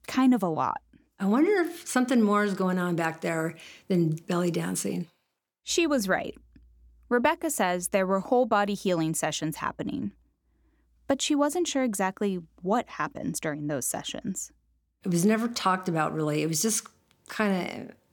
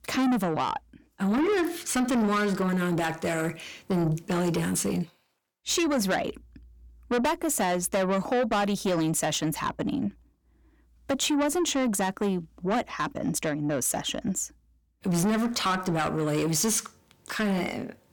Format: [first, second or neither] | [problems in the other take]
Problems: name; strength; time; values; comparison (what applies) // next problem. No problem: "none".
first | distortion; heavy; 8 dB below the speech